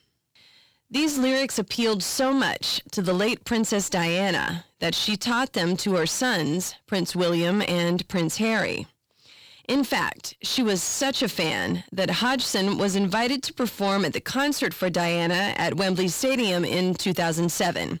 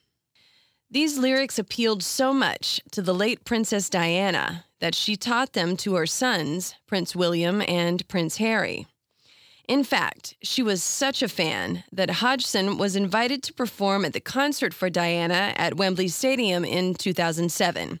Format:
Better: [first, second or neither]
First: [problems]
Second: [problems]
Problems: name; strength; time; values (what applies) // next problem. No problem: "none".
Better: second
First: distortion; slight; 10 dB below the speech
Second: none